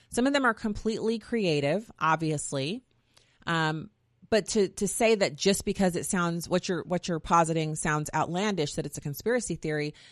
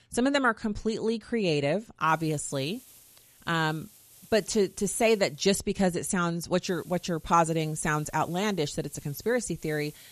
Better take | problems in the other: first | hiss; faint; from 2 to 5.5 s and from 6.5 s on; 25 dB below the speech

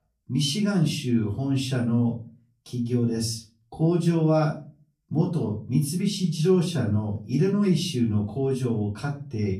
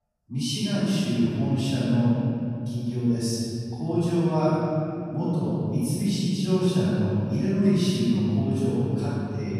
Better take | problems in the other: first | room echo; strong; dies away in 3 s; slight in the first // off-mic speech; far; far in the first

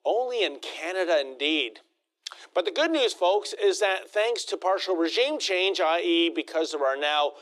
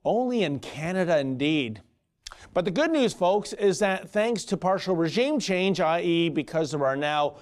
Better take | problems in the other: second | thin; very; fading below 300 Hz

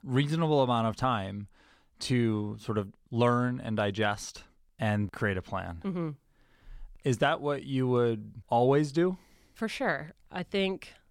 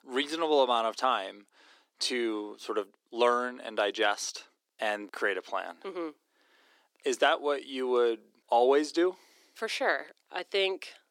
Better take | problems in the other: first | thin; very; fading below 300 Hz

